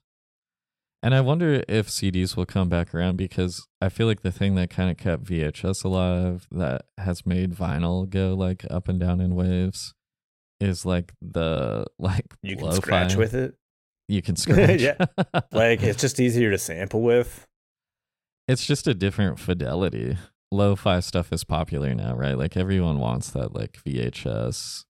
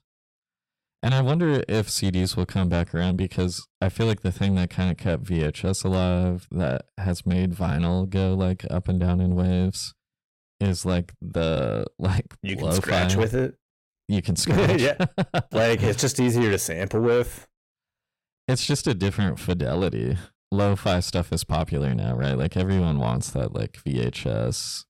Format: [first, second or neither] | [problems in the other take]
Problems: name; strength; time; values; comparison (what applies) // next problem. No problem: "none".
first | distortion; slight; 10 dB below the speech